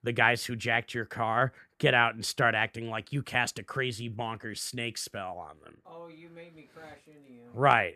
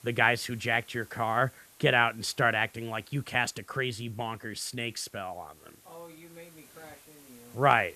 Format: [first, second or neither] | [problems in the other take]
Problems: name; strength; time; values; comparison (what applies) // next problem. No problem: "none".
first | hiss; faint; throughout; 25 dB below the speech